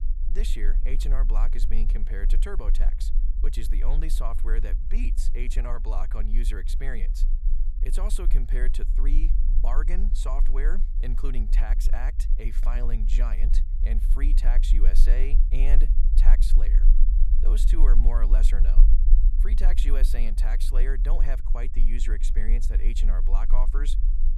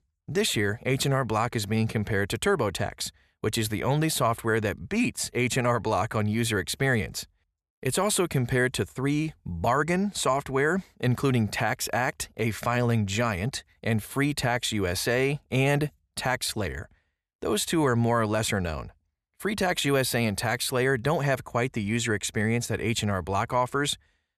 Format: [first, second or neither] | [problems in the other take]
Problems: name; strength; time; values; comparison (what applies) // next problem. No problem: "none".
second | low rumble; noticeable; throughout; 10 dB below the speech